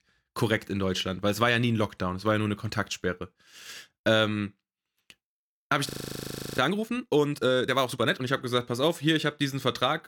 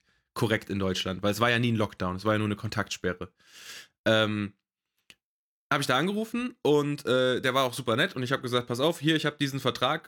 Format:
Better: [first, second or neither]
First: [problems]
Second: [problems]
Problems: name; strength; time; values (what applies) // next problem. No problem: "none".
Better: second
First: audio freezing; at 6 s for 0.5 s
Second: none